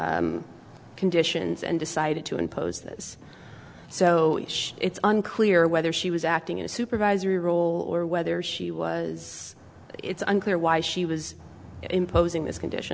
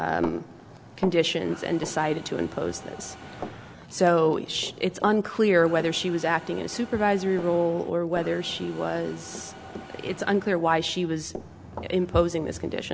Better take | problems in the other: first | background sound (Mechanisms + Run); 16 dB below the speech

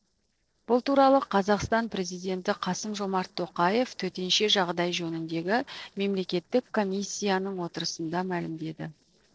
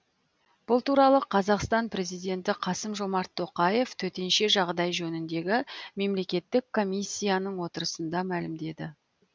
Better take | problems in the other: second | noise reduction (neural separator model SepFormer DNS4)

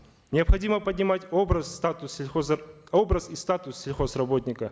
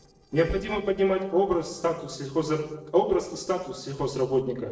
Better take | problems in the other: first | noise reduction (neural separator model SepFormer DNS4)

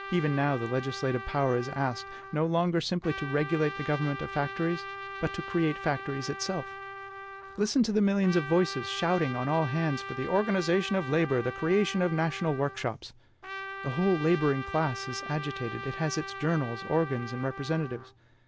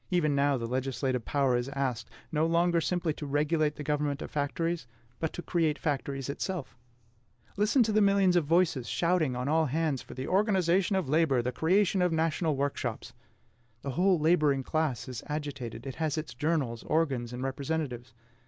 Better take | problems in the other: second | background sound (Trumpet); 11 dB below the speech

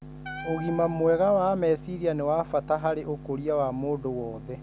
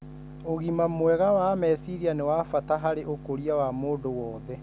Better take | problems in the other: second | background sound (Wind instrument, woodwind instrument); 16 dB below the speech

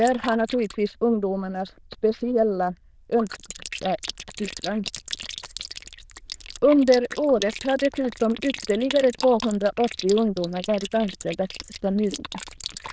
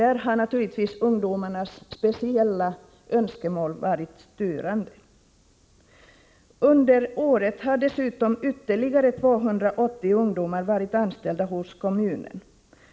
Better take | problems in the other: second | noise reduction (neural diffusion model UNIVERSE++)

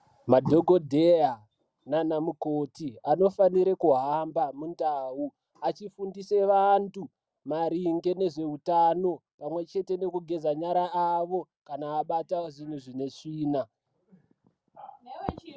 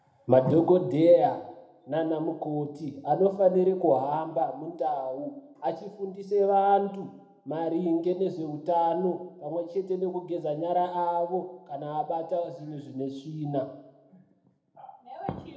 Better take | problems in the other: first | room echo; dies away in 0.9 s

